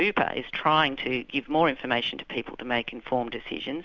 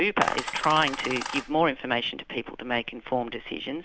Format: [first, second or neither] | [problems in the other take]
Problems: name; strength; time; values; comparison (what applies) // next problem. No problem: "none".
first | background sound (Coin (dropping)); 5 dB below the speech